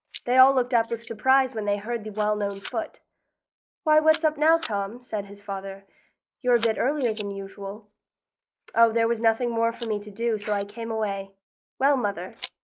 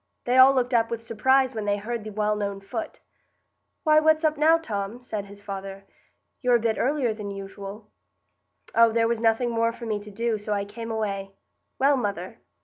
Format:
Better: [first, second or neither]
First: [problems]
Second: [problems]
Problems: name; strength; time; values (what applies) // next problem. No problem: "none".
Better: second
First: noise reduction (neural mask model Resemble Enhance denoiser)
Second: none